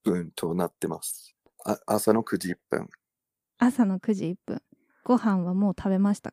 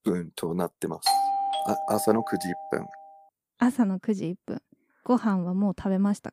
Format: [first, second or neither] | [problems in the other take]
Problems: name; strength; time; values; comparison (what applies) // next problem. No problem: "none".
first | doorbell; loud; from 1 to 2.5 s; peak 4 dB above the speech